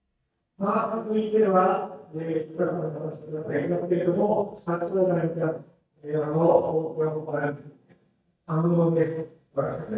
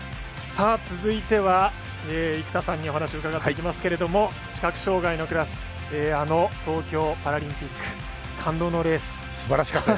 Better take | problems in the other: second | noise reduction (neural mask model DeepFilterNet 3)

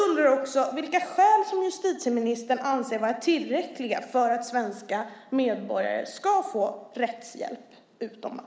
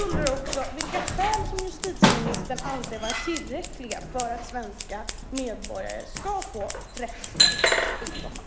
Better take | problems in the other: first | background sound (Scissors); 4 dB above the speech

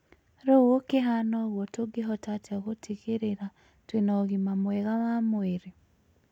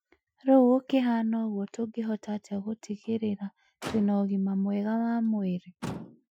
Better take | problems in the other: first | noise reduction (classical method Wiener filter)

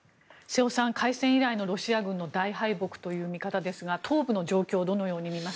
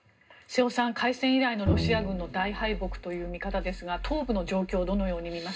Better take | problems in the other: first | background sound (Bowed string instrument); 4 dB below the speech // room echo; dies away in 0.2 s

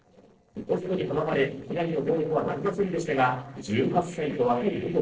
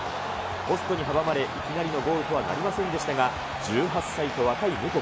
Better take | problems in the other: second | noise reduction (neural separator model SepFormer DNS4)

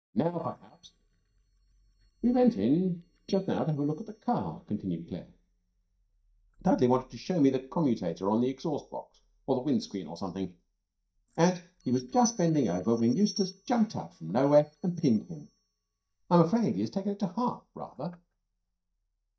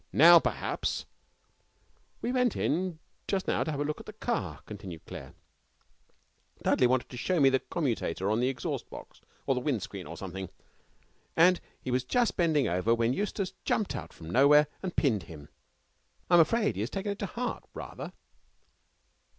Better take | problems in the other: second | noise reduction (neural mask model DeepFilterNet 3)

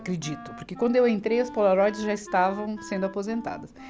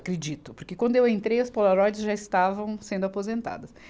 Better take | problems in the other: second | background sound (Wind instrument, woodwind instrument); 16 dB below the speech

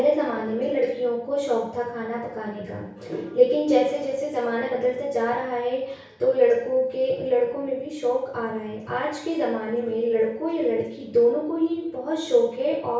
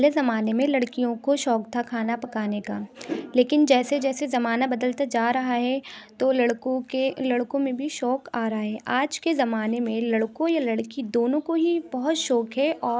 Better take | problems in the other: second | room echo; dies away in 0.6 s

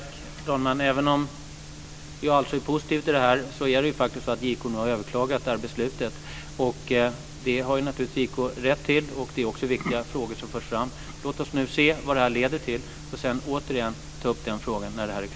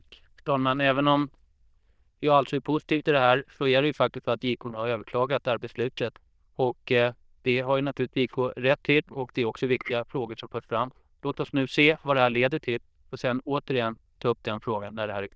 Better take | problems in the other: first | noise reduction (neural diffusion model UNIVERSE++)

